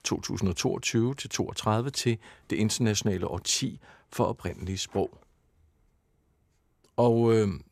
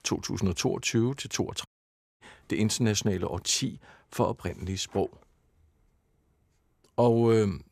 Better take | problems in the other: first | audio cutting out; at 1.5 s for 0.5 s

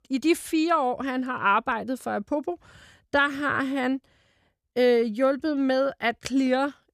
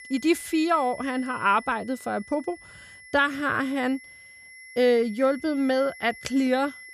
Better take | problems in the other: first | high-pitched whine; noticeable; throughout; 2 kHz, 20 dB below the speech

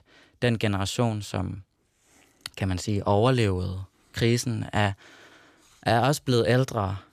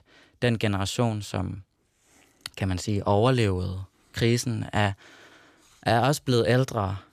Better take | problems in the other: neither | none

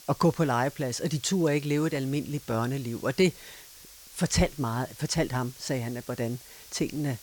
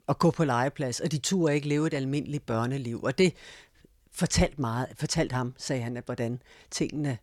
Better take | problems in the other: second | hiss; noticeable; throughout; 20 dB below the speech

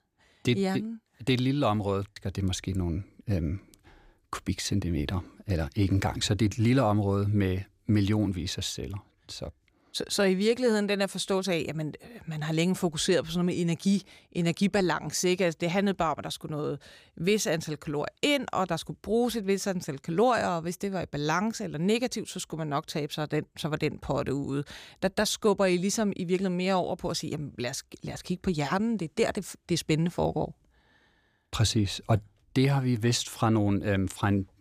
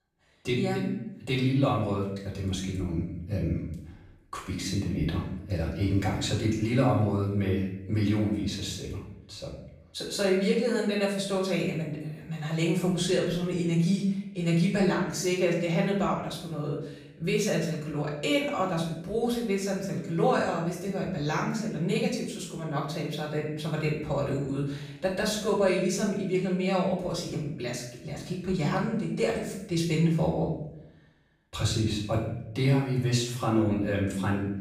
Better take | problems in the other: first | room echo; noticeable; dies away in 0.7 s // off-mic speech; far

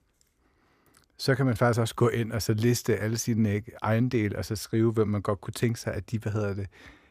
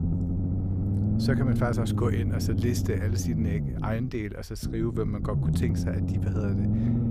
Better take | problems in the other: first | low rumble; loud; throughout; 2 dB below the speech

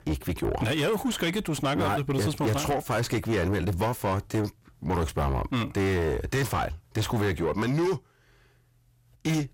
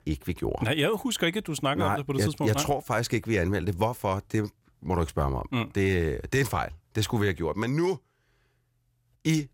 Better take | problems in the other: second | distortion; heavy; 7 dB below the speech

